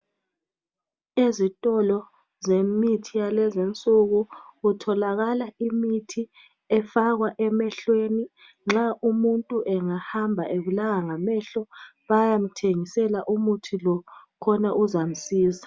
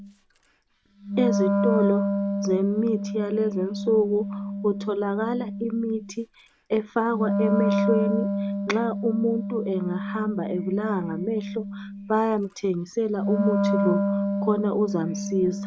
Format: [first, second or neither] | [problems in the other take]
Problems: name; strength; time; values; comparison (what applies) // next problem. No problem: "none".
first | background sound (Wind instrument, woodwind instrument); 1 dB below the speech